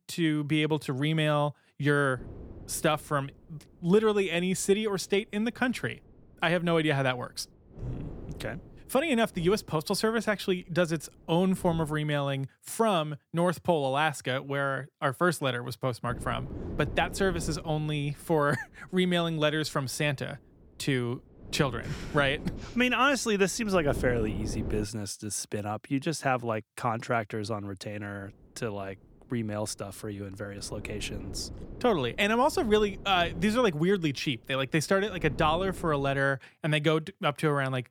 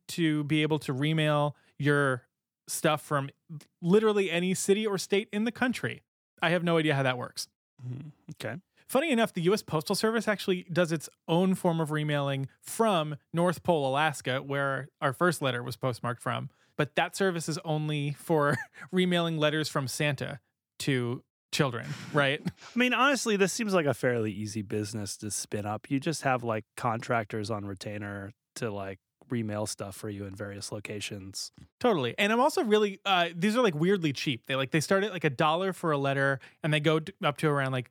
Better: second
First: wind noise on the microphone; occasional gusts; from 2 to 12 s, from 16 to 25 s and from 28 to 36 s; 20 dB below the speech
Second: none

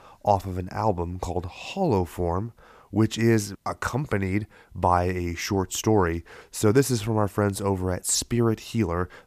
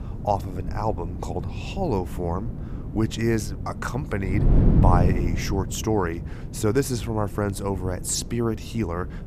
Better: first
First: none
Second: wind noise on the microphone; heavy; 9 dB below the speech

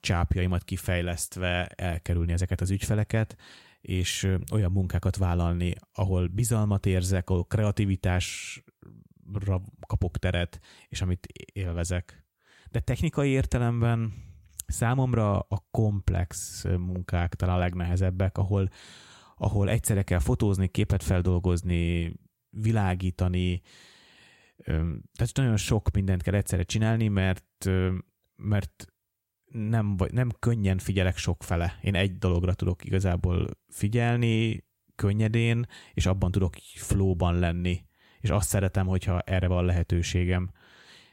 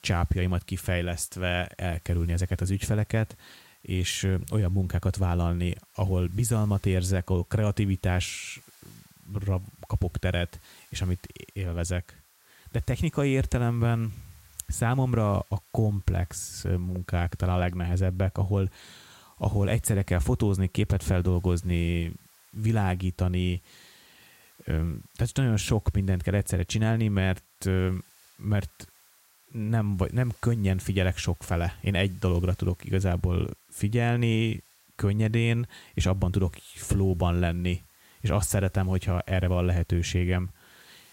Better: first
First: none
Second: hiss; faint; throughout; 30 dB below the speech

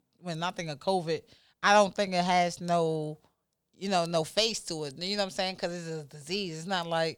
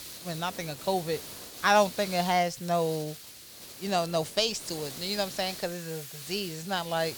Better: first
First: none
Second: hiss; noticeable; throughout; 10 dB below the speech

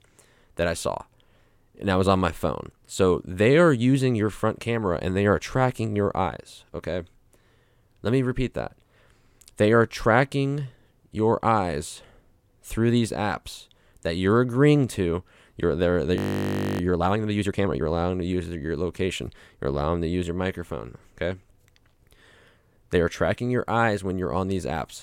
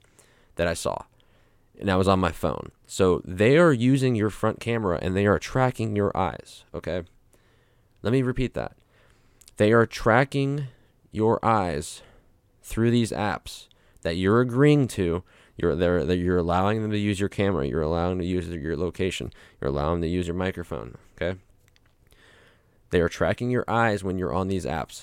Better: second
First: audio freezing; at 16 s for 0.5 s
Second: none

